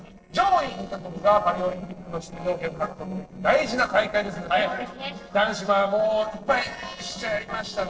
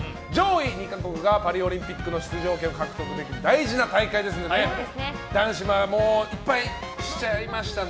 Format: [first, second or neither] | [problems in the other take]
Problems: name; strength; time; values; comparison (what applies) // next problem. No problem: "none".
second | noise reduction (neural separator model SepFormer DNS4)